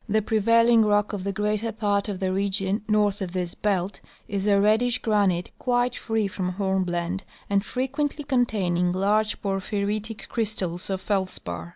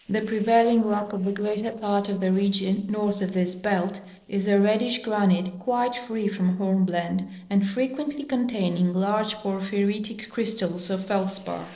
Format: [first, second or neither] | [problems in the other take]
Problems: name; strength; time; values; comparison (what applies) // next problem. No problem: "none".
first | noise reduction (neural separator model SepFormer DNS4)